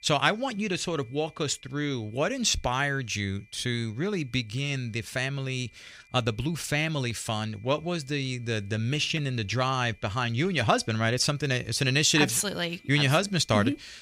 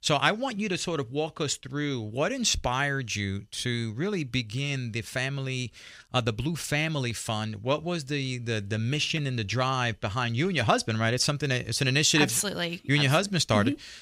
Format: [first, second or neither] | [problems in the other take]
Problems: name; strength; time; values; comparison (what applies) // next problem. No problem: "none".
second | high-pitched whine; faint; throughout; 2.5 kHz, 30 dB below the speech